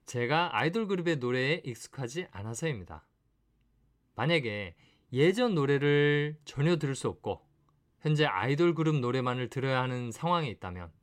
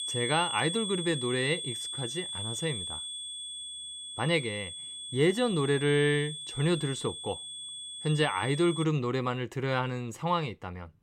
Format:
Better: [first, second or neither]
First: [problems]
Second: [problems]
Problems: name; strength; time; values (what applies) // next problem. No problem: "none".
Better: first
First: none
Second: high-pitched whine; loud; until 9 s; 3.5 kHz, 6 dB below the speech